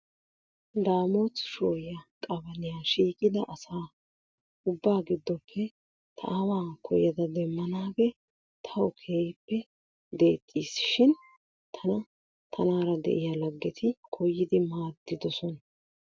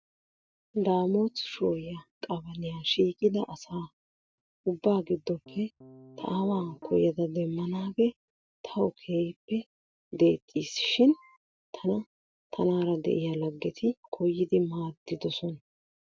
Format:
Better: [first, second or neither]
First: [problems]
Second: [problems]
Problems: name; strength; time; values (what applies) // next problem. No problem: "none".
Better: first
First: none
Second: background sound (Piano); 17 dB below the speech